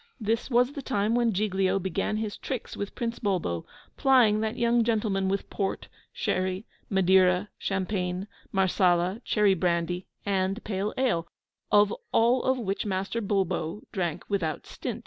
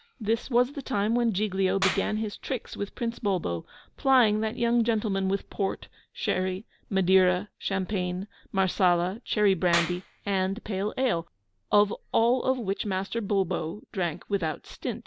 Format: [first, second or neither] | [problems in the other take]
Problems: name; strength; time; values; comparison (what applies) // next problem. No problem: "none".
first | background sound (Clapping); 13 dB below the speech